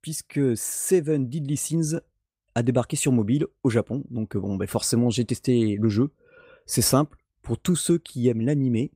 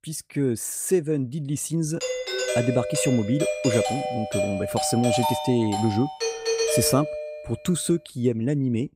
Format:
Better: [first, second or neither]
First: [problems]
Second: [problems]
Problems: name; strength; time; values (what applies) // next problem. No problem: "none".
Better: first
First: none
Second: doorbell; loud; from 2 to 7.5 s; peak 2 dB above the speech